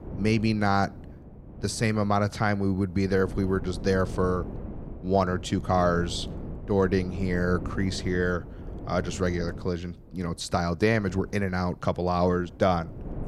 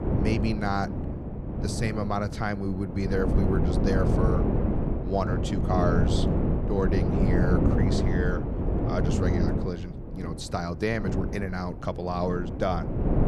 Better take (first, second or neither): first